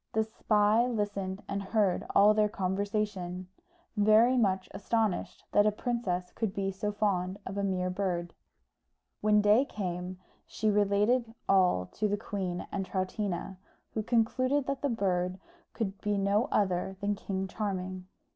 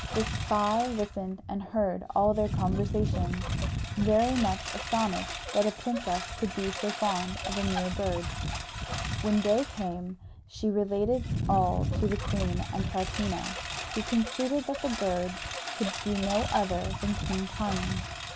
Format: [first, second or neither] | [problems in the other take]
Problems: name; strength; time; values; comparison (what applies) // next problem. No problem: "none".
first | background sound (Engine); 4 dB below the speech